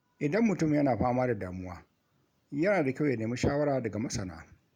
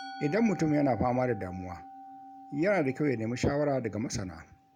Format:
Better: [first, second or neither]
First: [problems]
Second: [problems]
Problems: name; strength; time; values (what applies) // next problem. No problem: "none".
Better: first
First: none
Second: background sound (Musical instrument); 16 dB below the speech